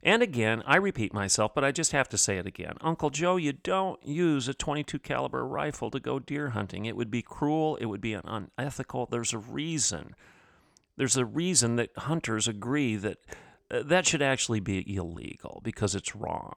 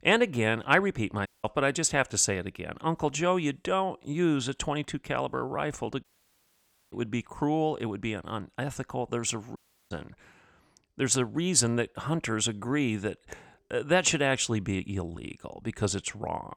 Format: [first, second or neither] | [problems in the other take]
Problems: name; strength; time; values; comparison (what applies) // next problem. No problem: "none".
first | audio cutting out; at 1.5 s, at 6 s for 1 s and at 9.5 s